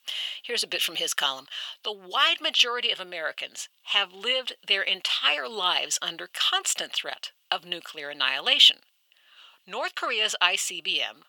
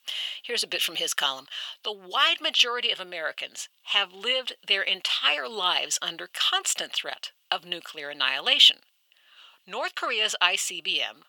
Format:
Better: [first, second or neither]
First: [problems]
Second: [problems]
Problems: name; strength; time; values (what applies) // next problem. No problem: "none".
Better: neither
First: thin; very; fading below 900 Hz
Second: thin; very; fading below 900 Hz